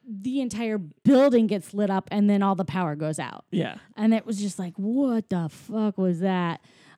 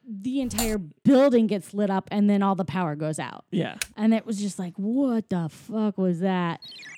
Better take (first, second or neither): first